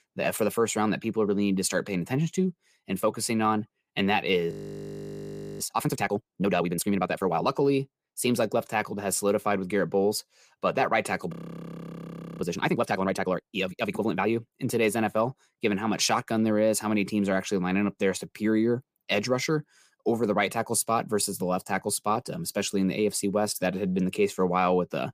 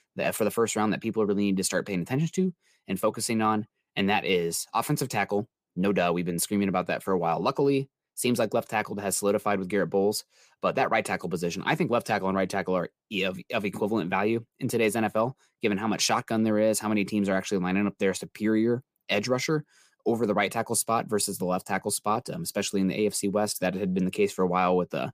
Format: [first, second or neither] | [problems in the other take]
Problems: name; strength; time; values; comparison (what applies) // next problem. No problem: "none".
second | audio freezing; at 4.5 s for 1 s and at 11 s for 1 s